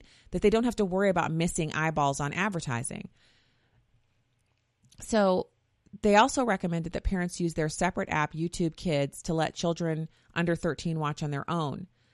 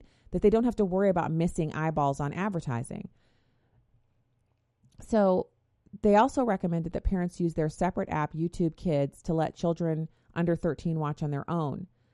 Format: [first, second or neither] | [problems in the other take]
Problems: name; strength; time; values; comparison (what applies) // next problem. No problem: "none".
first | muffled; slightly; fading above 1.5 kHz